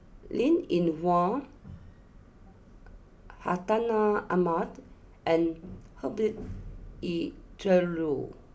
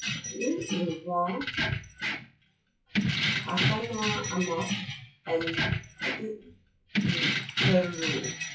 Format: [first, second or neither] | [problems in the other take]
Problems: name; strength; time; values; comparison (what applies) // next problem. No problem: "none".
first | noise reduction (classical method WPE with log-MMSE)